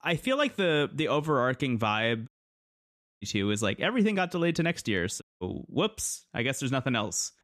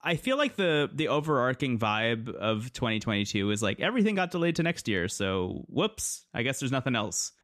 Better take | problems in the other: second | audio cutting out; at 2.5 s for 1 s and at 5 s

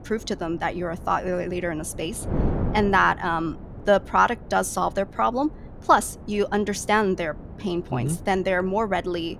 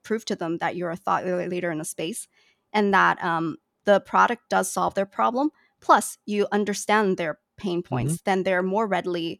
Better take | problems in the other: second | wind noise on the microphone; occasional gusts; 20 dB below the speech

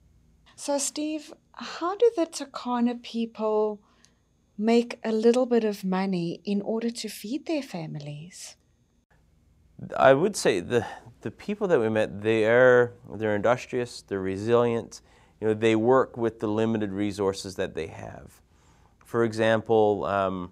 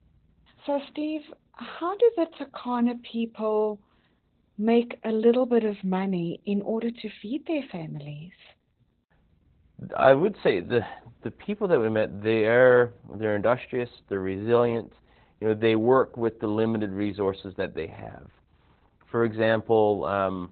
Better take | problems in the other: first | garbled, watery; badly; nothing above 4 kHz

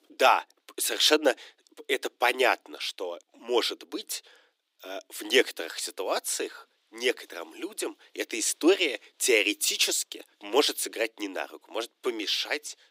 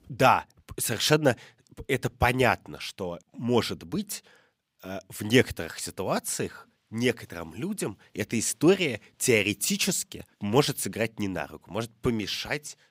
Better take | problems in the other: second | thin; somewhat; fading below 300 Hz

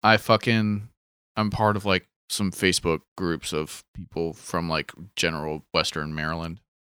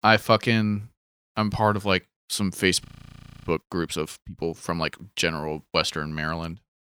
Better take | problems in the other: first | audio freezing; at 3 s for 0.5 s

